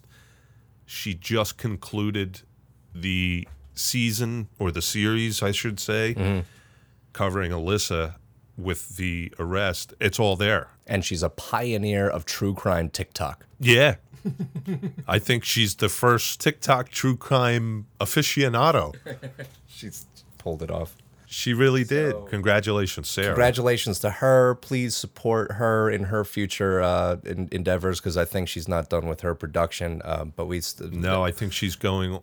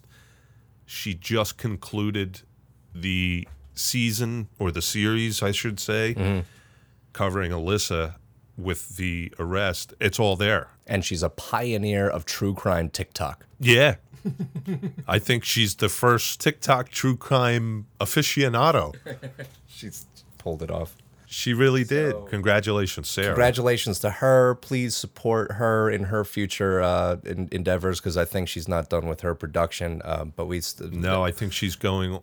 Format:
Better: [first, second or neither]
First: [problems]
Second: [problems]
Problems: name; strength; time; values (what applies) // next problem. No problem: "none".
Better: neither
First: none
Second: none